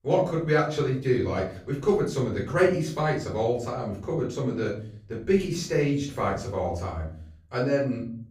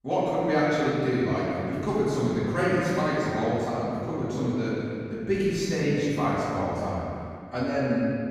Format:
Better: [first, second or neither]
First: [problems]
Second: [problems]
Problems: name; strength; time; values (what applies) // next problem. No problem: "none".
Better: first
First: room echo; slight; dies away in 0.5 s // off-mic speech; far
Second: room echo; strong; dies away in 2.4 s // off-mic speech; far